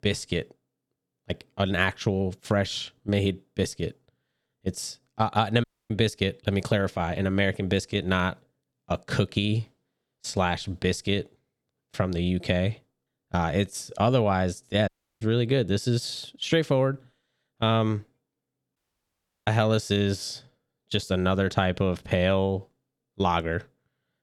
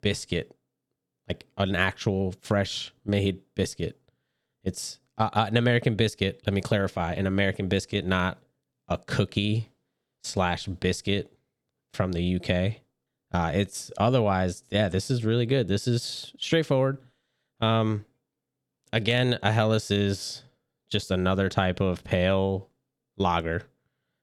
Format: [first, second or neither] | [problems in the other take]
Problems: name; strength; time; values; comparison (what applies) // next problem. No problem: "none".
second | audio cutting out; at 5.5 s, at 15 s and at 19 s for 0.5 s